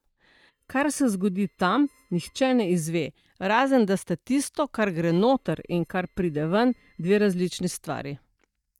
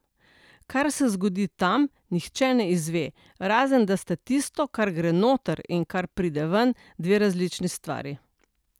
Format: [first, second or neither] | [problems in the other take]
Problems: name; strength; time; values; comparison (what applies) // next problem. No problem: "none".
second | noise reduction (neural mask model DeepFilterNet 3)